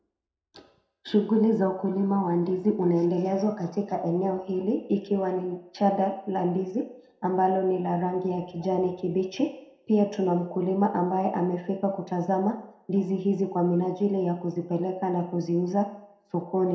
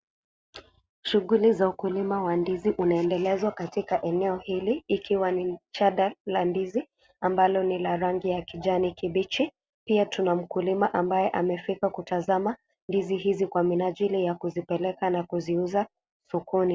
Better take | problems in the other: second | room echo; dies away in 0.6 s

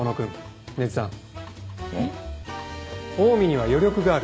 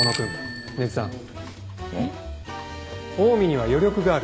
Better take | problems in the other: first | background sound (Bicycle bell); 9 dB below the speech

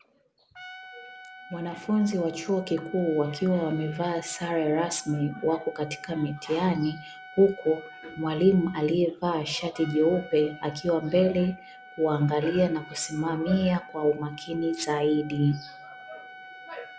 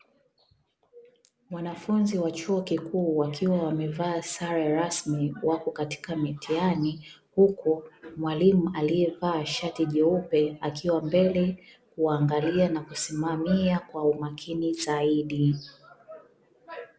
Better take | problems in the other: second | background sound (Trumpet); 19 dB below the speech

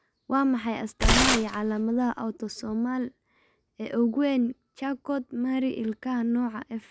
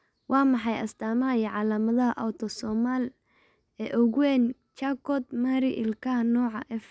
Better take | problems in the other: second | background sound (Tearing); 3 dB above the speech

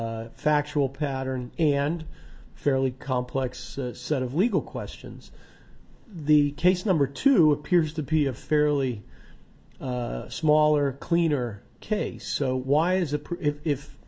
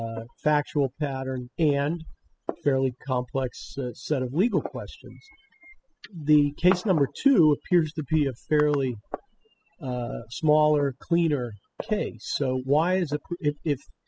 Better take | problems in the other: first | noise reduction (classical method spectral subtraction)

